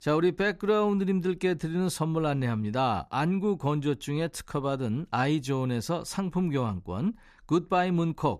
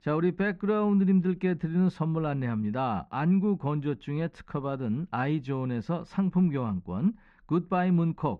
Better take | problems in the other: first | muffled; slightly; fading above 2 kHz

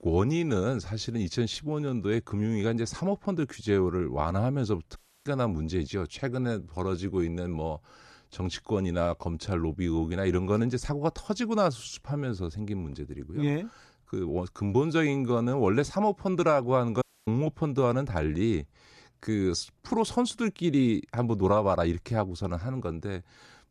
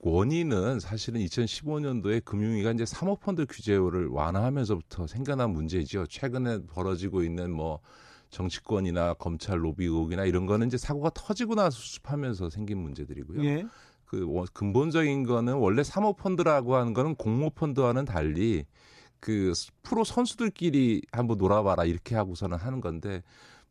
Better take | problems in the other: second | audio cutting out; at 5 s and at 17 s

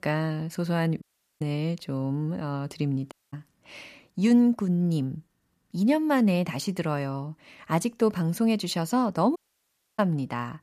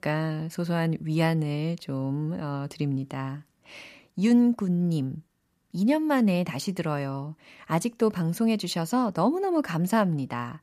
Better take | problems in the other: second | audio cutting out; at 1 s, at 3 s and at 9.5 s for 0.5 s

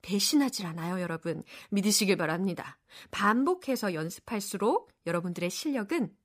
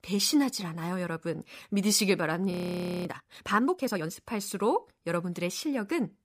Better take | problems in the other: first | audio freezing; at 2.5 s for 0.5 s

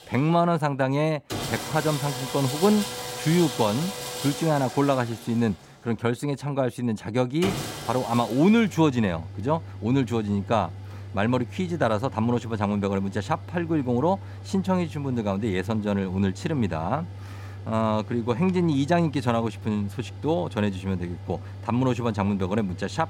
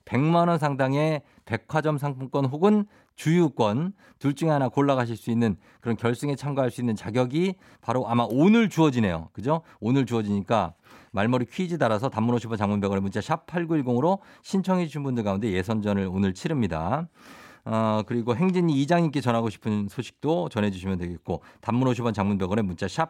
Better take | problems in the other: second | machinery noise; noticeable; throughout; 10 dB below the speech

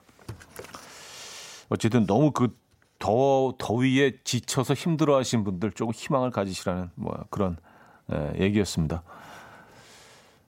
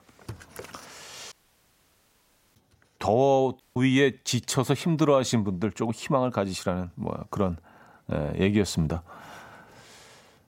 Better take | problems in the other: first | audio cutting out; at 1.5 s for 1 s and at 3.5 s

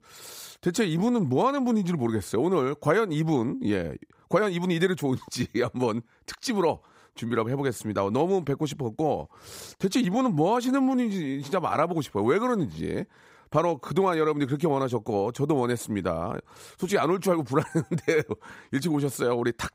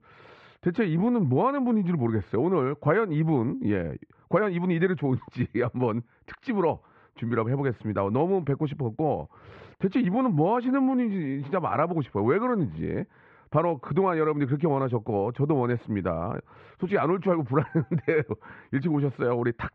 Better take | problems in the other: first | muffled; very; fading above 2.5 kHz

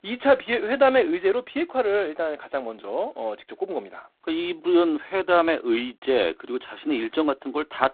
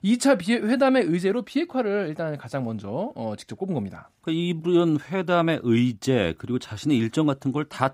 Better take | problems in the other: second | phone-call audio; poor line; nothing above 3.5 kHz

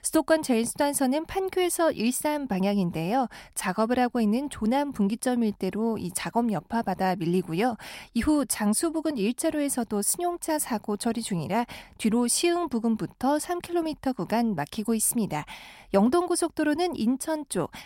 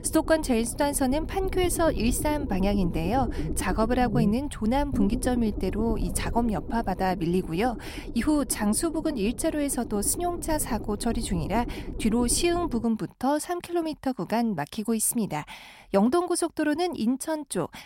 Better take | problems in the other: first | low rumble; noticeable; until 13 s; 15 dB below the speech

